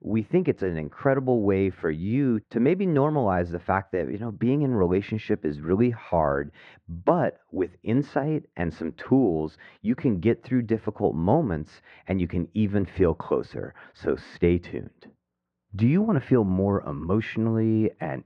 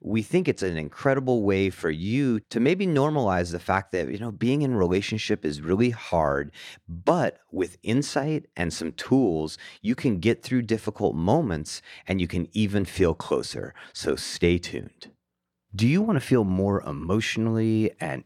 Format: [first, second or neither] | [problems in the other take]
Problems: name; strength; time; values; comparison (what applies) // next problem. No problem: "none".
second | muffled; very; fading above 1.5 kHz